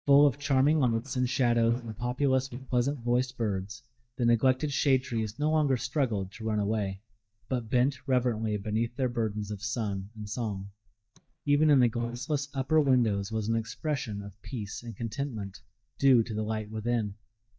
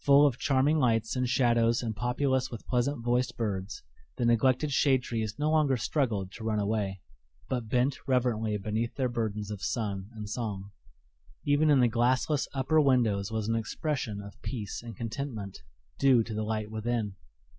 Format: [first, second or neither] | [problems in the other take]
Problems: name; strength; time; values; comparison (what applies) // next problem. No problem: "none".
second | noise reduction (neural mask model DeepFilterNet 3)